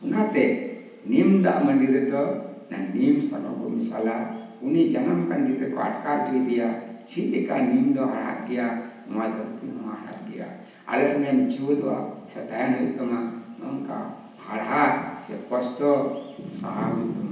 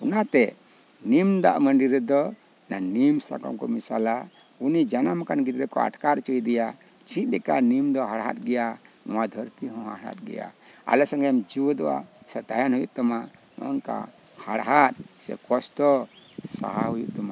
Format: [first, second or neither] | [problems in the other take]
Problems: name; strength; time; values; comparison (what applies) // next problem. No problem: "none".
second | room echo; dies away in 0.9 s